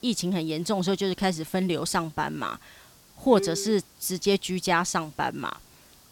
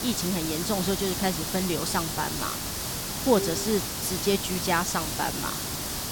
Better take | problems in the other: first | hiss; loud; throughout; 1 dB below the speech; faint in the first

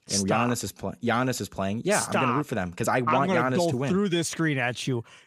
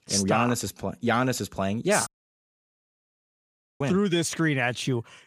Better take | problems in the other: first | audio cutting out; at 2 s for 1.5 s

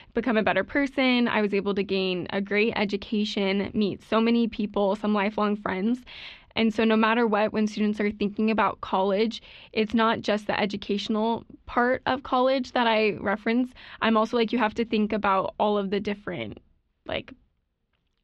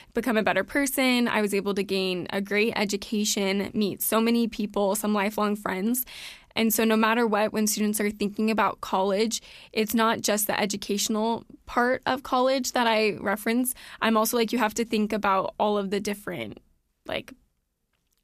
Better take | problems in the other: second | muffled; slightly; fading above 3.5 kHz

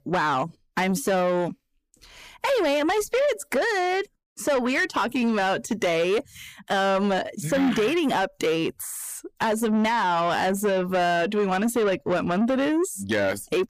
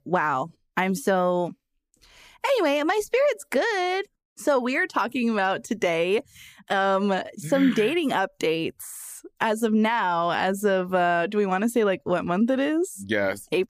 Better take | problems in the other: second | distortion; slight; 10 dB below the speech

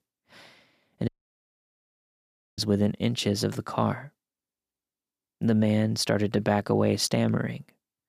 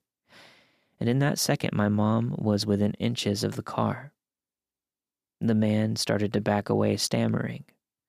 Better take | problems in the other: second | audio cutting out; at 1 s for 1.5 s

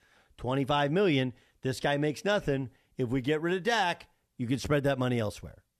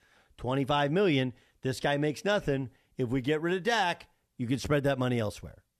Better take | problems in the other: neither | none

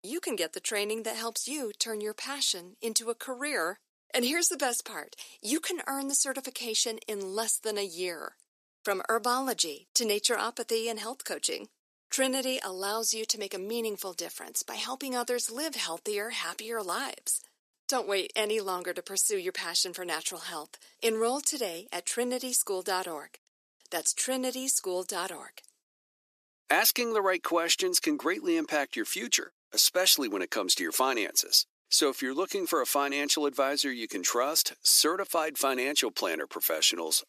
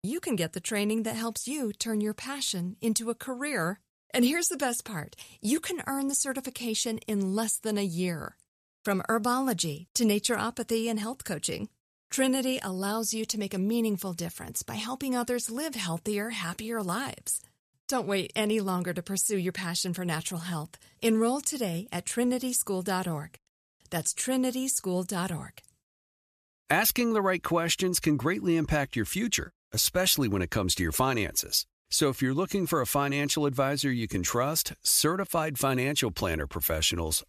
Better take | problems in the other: second | thin; somewhat; fading below 300 Hz

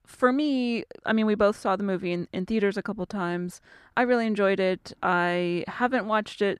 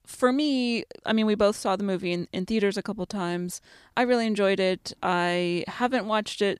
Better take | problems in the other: second | muffled; slightly; fading above 3 kHz

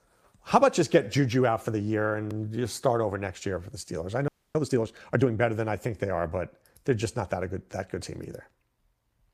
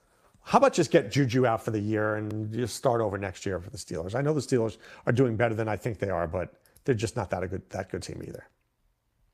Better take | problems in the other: second | audio freezing; at 4.5 s

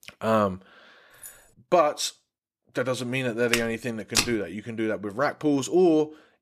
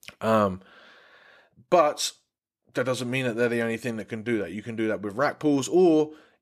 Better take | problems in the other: second | jangling keys; faint; at 1 s; peak 20 dB below the speech // footsteps; loud; at 3.5 s; peak 1 dB above the speech

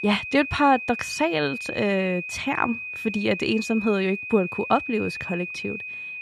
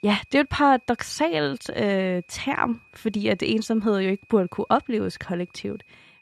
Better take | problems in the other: second | high-pitched whine; loud; throughout; 2.5 kHz, 7 dB below the speech; faint in the second

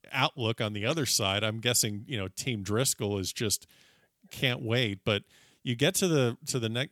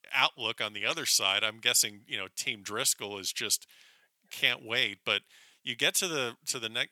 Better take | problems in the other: first | thin; somewhat; fading below 1 kHz

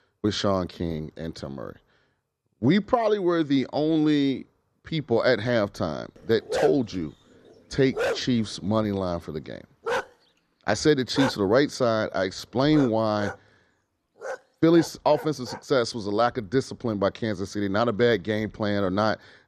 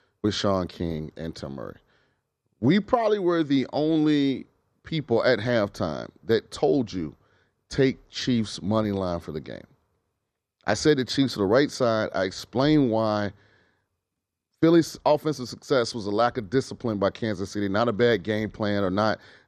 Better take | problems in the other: second | dog barking; noticeable; from 6.5 to 16 s; peak 3 dB below the speech

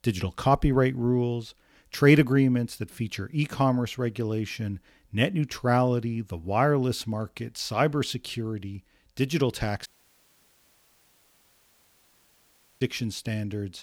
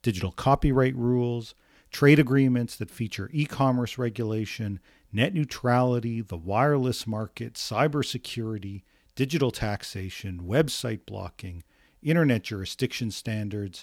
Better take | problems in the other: second | audio cutting out; at 10 s for 3 s

